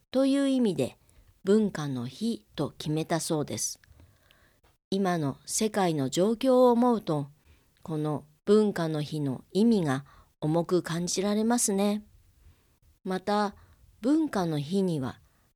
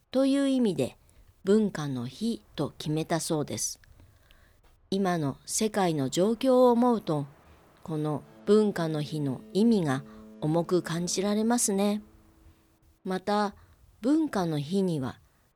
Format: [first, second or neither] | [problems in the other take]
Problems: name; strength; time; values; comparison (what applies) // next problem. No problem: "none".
first | train or aircraft noise; faint; throughout; 25 dB below the speech